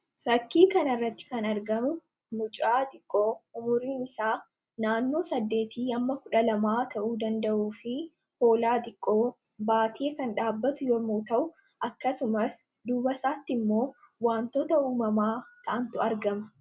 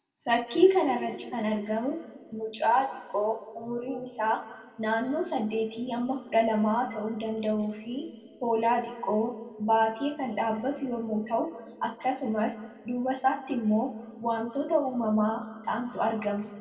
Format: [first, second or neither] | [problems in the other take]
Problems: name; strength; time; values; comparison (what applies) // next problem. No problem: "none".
first | room echo; dies away in 1.8 s